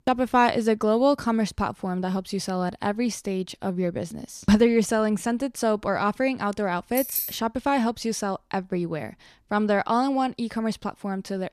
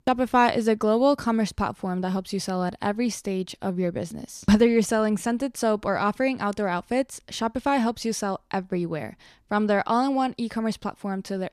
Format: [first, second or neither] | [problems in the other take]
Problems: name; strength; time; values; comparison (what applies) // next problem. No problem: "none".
second | jangling keys; noticeable; at 7 s; peak 2 dB below the speech